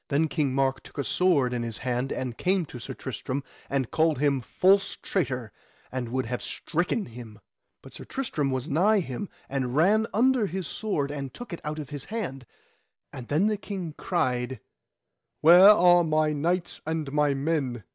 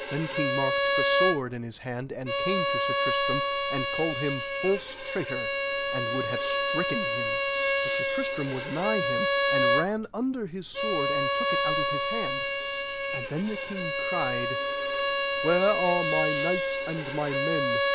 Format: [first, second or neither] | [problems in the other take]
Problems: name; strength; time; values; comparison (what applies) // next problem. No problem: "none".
first | background sound (Bowed string instrument); 4 dB above the speech